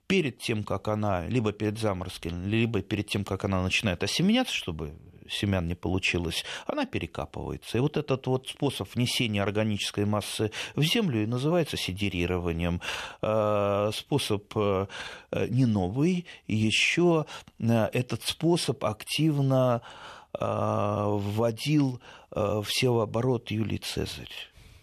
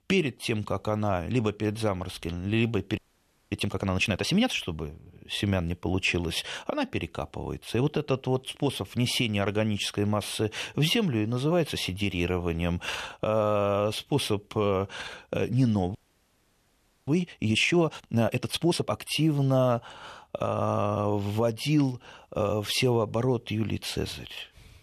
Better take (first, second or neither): first